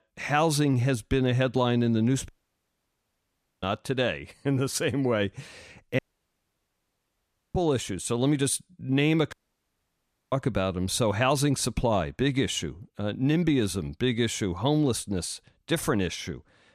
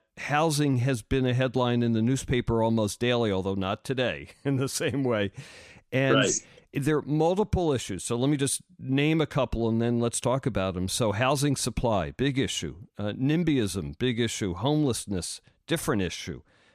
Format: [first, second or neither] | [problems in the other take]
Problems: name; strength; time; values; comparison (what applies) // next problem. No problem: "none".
second | audio cutting out; at 2.5 s for 1.5 s, at 6 s for 1.5 s and at 9.5 s for 1 s